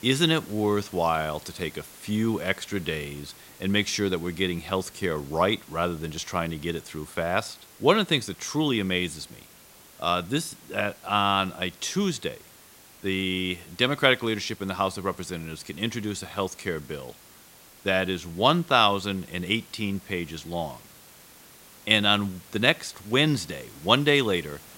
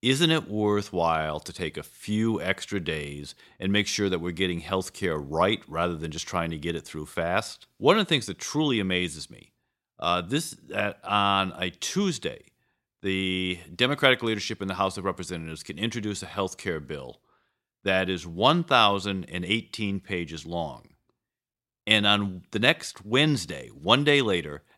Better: second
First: hiss; faint; throughout; 20 dB below the speech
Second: none

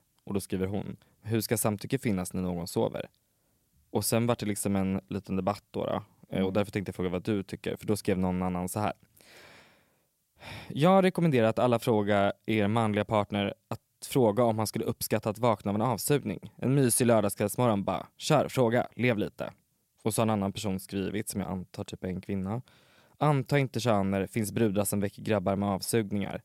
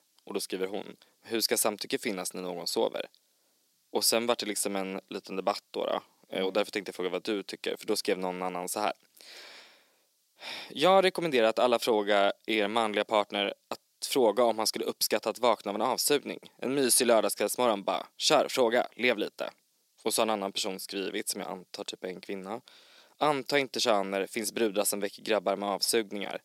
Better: first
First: none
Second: thin; somewhat; fading below 300 Hz

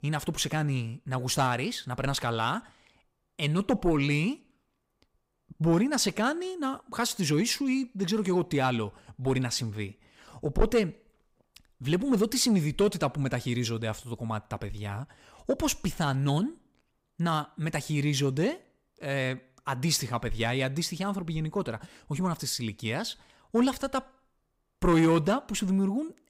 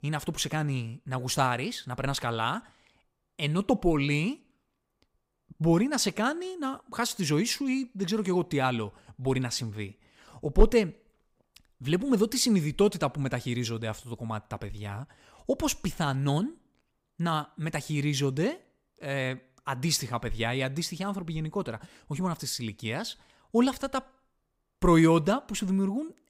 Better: second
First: distortion; slight; 10 dB below the speech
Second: none

